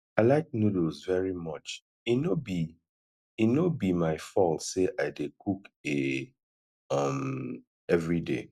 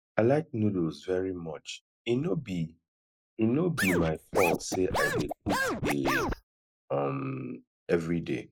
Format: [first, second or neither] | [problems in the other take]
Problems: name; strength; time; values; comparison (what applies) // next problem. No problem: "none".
first | noise reduction (neural mask model Resemble Enhance denoiser)